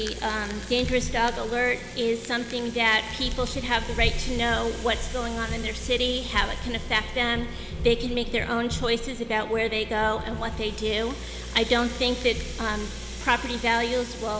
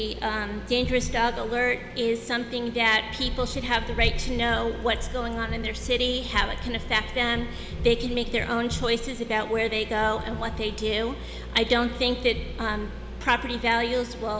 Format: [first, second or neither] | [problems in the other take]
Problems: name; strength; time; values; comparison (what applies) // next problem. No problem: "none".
second | background sound (Rattle (instrument)); 18 dB below the speech